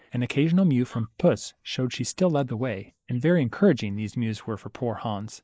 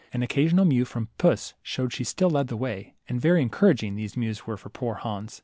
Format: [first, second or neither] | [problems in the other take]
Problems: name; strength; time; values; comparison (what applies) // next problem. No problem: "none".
second | noise reduction (neural mask model Resemble Enhance denoiser)